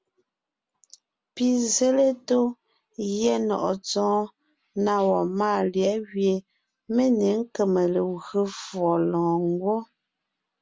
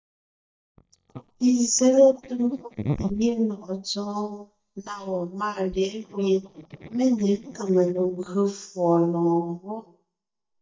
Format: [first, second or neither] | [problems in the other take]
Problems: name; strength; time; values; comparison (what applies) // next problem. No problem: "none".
first | noise reduction (neural mask model DeepFilterNet 3)